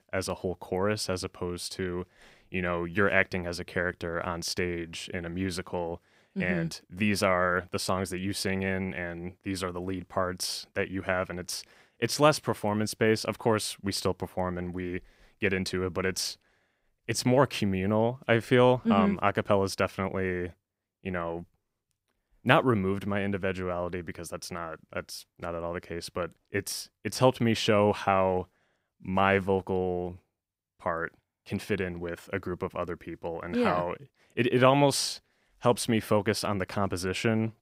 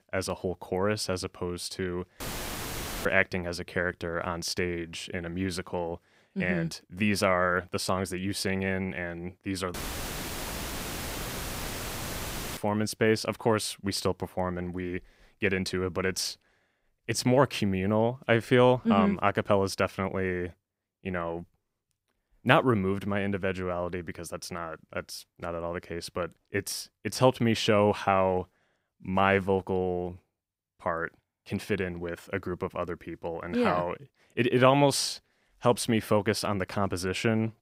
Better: first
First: none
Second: audio cutting out; filled with static; at 2 s for 1 s and at 9.5 s for 3 s

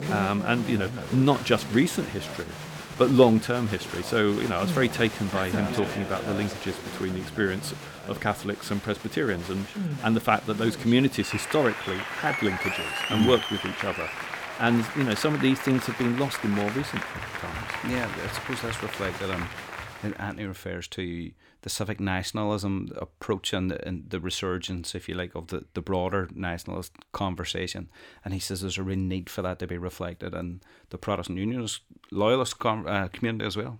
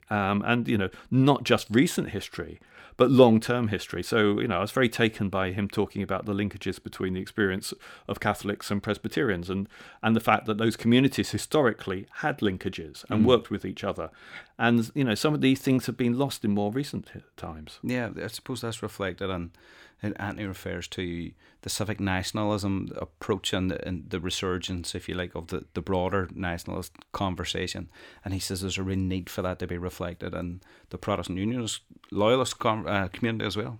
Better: second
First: crowd noise; loud; until 20 s; 6 dB below the speech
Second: none

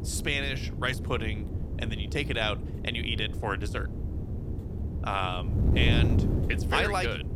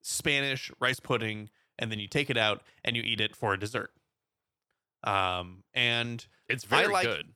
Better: second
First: wind noise on the microphone; occasional gusts; 10 dB below the speech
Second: none

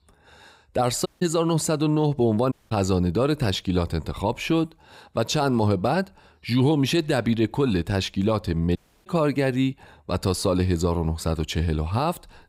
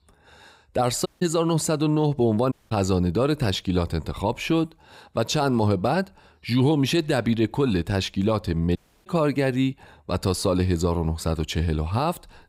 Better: neither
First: audio cutting out; at 1 s, at 2.5 s and at 9 s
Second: audio cutting out; at 1 s, at 2.5 s and at 9 s

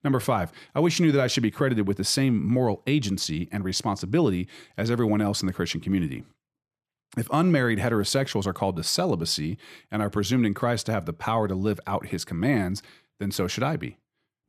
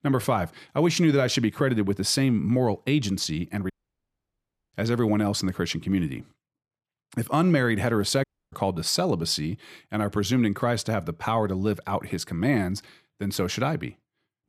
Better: first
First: none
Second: audio cutting out; at 3.5 s for 1 s and at 8 s

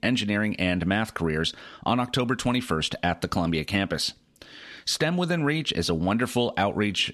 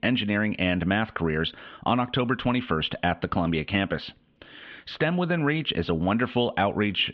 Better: first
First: none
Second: muffled; very; fading above 3 kHz

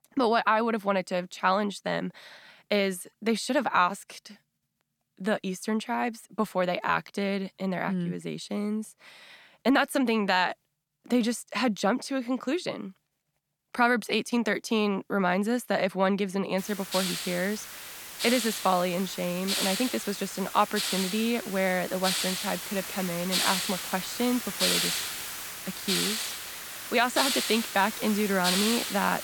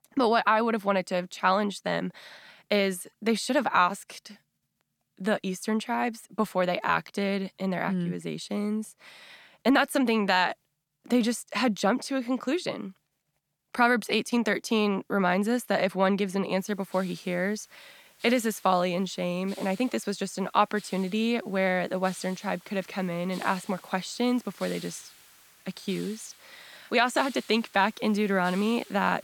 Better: second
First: hiss; loud; from 17 s on; 2 dB below the speech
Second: hiss; faint; from 17 s on; 20 dB below the speech

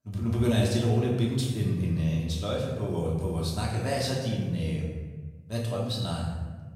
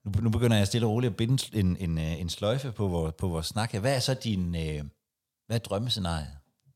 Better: second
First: off-mic speech; far // room echo; noticeable; dies away in 1.2 s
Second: none

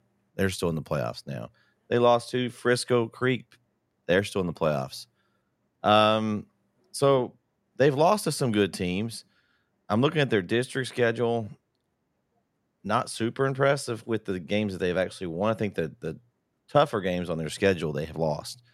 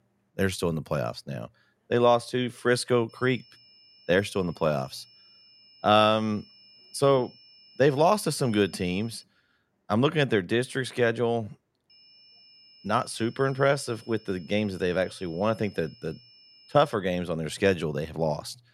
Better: first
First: none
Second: high-pitched whine; faint; from 3 to 9 s and from 12 to 17 s; 5.5 kHz, 25 dB below the speech

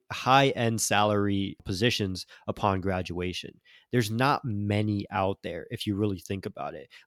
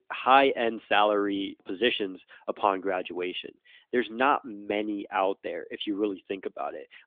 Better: first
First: none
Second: phone-call audio; nothing above 3.5 kHz

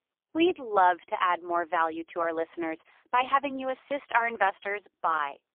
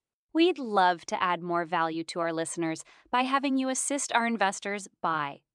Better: second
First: phone-call audio; poor line; nothing above 3 kHz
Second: none

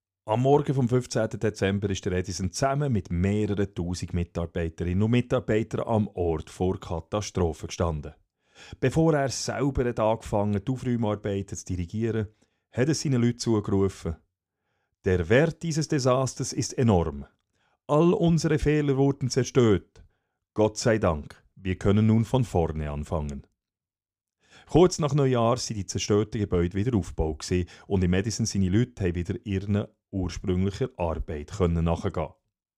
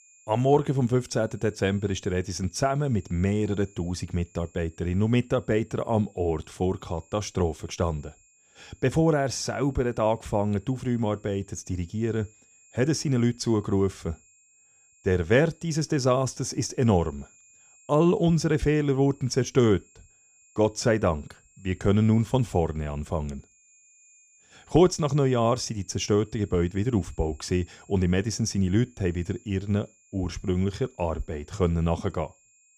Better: first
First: none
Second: high-pitched whine; faint; throughout; 7.5 kHz, 30 dB below the speech

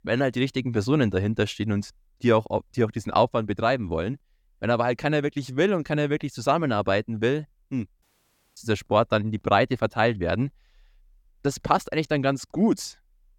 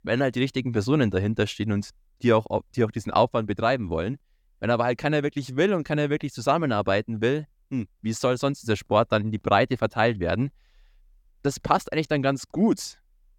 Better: second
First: audio cutting out; at 8 s for 0.5 s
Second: none

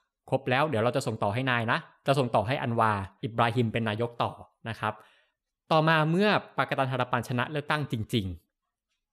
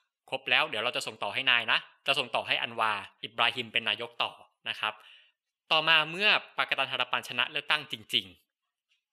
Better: first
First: none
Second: thin; somewhat; fading below 1 kHz

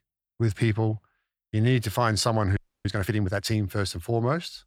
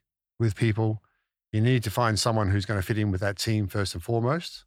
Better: second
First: audio freezing; at 2.5 s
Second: none

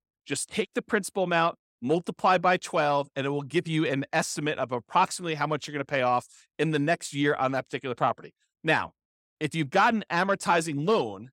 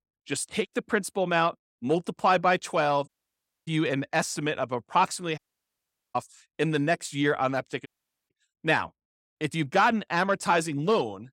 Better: first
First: none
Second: audio cutting out; at 3 s for 0.5 s, at 5.5 s for 1 s and at 8 s

